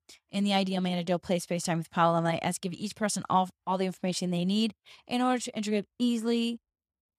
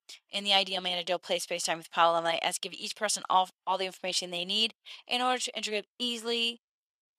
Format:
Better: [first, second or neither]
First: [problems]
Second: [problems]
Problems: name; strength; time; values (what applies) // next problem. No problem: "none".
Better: first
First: none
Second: thin; somewhat; fading below 500 Hz